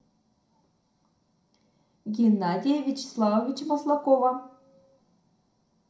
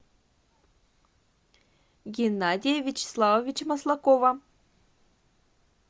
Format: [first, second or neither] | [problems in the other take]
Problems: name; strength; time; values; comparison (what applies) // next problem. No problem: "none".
second | room echo; dies away in 0.4 s